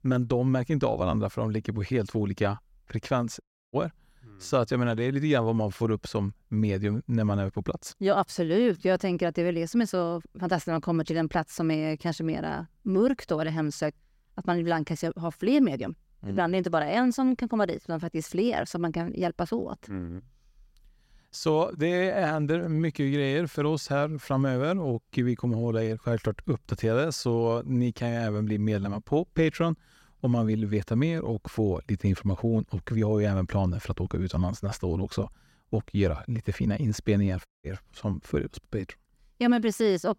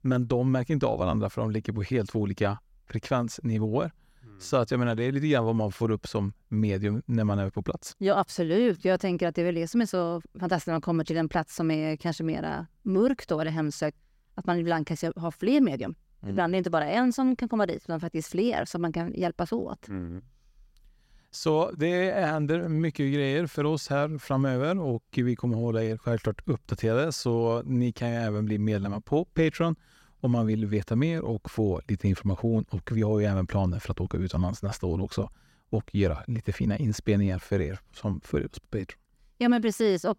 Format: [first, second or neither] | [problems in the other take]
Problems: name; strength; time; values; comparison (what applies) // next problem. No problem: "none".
second | audio cutting out; at 3.5 s and at 37 s